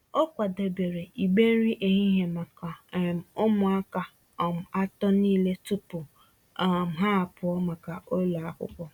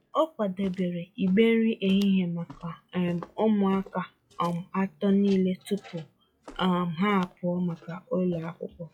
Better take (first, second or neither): first